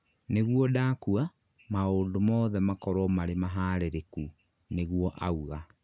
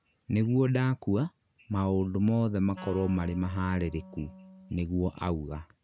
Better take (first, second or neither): first